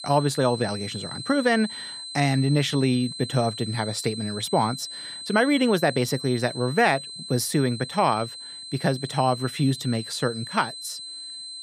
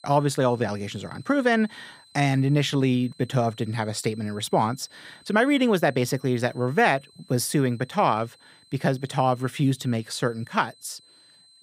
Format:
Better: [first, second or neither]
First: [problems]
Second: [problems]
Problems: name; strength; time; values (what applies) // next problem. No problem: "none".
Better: second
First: high-pitched whine; loud; throughout; 4 kHz, 10 dB below the speech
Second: high-pitched whine; faint; throughout; 4 kHz, 30 dB below the speech